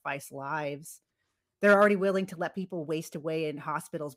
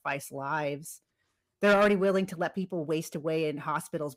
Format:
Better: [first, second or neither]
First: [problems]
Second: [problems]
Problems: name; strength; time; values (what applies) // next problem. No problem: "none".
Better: first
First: none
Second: distortion; slight; 10 dB below the speech